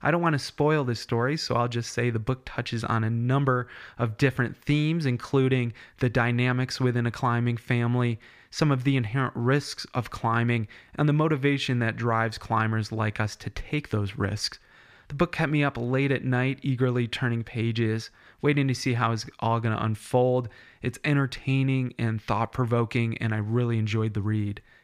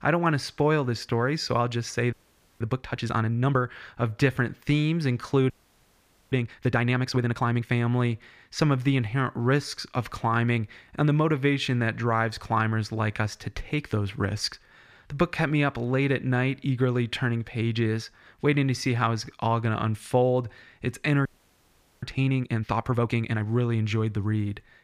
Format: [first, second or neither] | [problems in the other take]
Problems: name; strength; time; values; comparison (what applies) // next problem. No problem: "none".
first | audio freezing; at 2 s, at 5.5 s for 1 s and at 21 s for 1 s